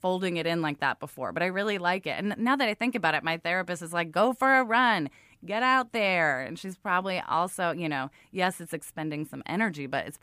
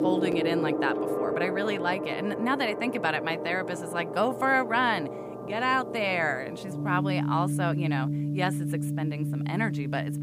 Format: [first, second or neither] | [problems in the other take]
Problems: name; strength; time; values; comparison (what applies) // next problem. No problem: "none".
first | background music; loud; throughout; 2 dB below the speech